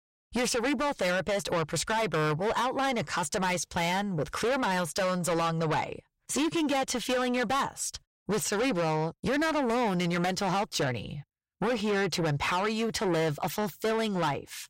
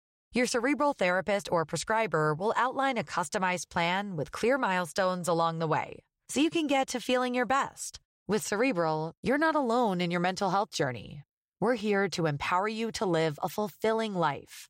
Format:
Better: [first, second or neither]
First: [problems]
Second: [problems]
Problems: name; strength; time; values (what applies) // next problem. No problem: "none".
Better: second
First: distortion; heavy; 7 dB below the speech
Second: none